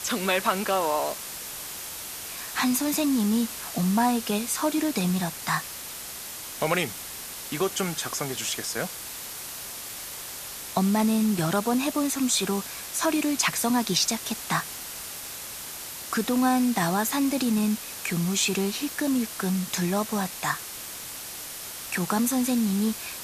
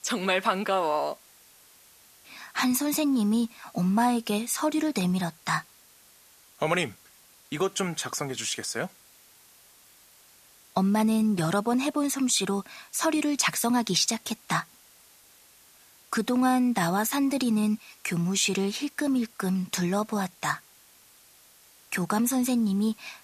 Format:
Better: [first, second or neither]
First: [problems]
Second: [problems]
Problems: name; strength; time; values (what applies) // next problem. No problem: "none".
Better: second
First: hiss; loud; throughout; 8 dB below the speech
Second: hiss; faint; throughout; 25 dB below the speech